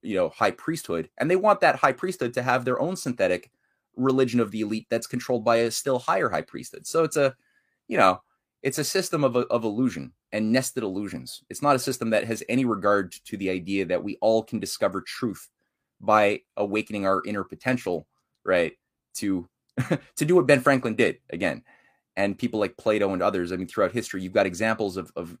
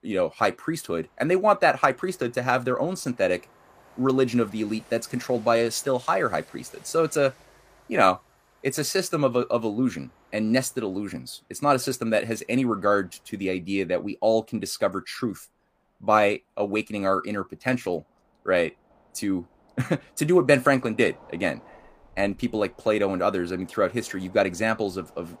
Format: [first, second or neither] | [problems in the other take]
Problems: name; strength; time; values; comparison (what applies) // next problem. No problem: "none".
first | train or aircraft noise; faint; throughout; 30 dB below the speech